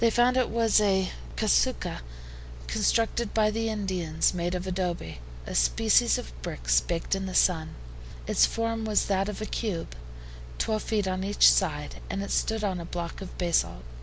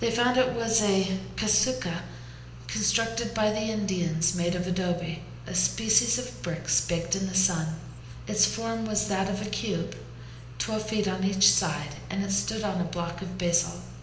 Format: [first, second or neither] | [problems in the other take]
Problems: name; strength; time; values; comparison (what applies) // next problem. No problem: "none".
first | room echo; dies away in 0.8 s